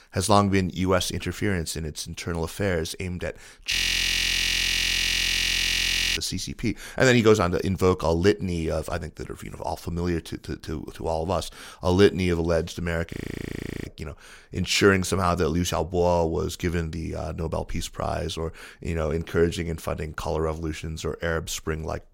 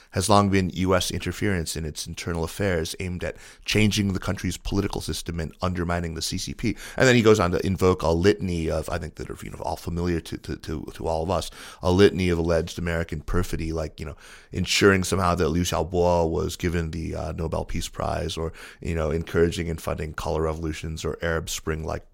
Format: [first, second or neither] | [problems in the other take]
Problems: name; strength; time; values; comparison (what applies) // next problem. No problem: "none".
second | audio freezing; at 3.5 s for 2.5 s and at 13 s for 0.5 s